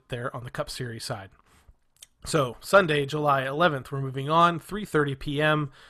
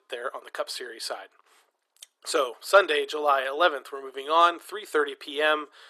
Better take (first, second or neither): first